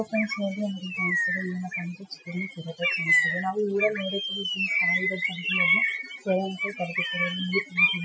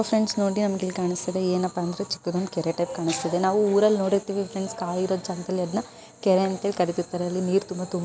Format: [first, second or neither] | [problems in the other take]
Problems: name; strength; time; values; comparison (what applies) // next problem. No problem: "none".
second | noise reduction (classical method Wiener filter)